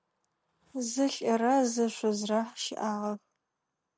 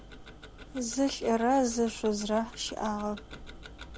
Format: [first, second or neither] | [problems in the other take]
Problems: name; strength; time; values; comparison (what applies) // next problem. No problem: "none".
first | background sound (Tick-tock); 15 dB below the speech